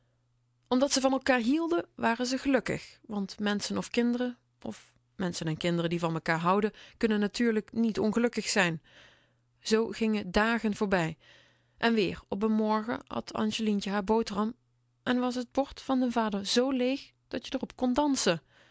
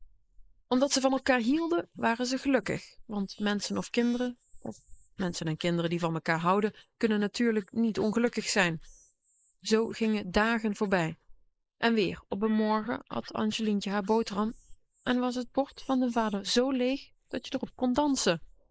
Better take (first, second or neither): first